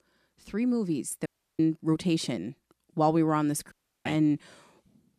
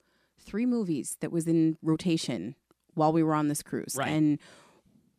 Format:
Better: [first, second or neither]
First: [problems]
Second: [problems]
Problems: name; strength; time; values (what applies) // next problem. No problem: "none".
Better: second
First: audio cutting out; at 1.5 s and at 3.5 s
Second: none